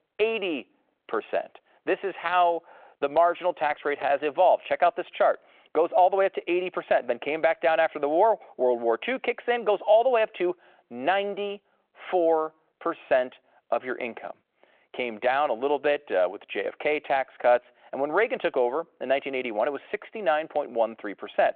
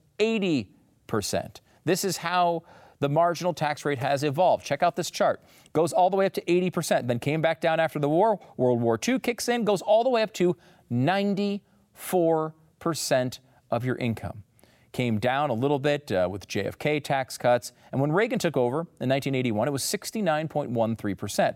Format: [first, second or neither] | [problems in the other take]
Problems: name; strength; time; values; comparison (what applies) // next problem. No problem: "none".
second | phone-call audio